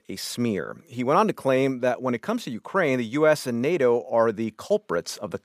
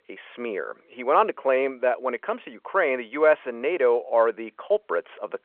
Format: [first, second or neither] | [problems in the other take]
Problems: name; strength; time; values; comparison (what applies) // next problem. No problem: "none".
first | phone-call audio